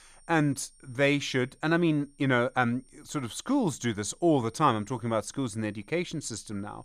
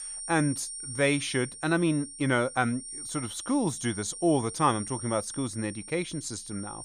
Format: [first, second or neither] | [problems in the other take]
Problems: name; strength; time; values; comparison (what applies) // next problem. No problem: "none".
first | high-pitched whine; loud; throughout; 9 kHz, 9 dB below the speech; faint in the first